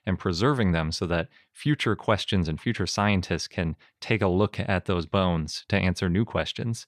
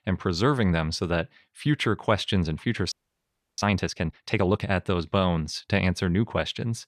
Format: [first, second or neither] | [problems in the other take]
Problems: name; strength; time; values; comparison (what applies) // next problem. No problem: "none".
first | audio freezing; at 3 s for 0.5 s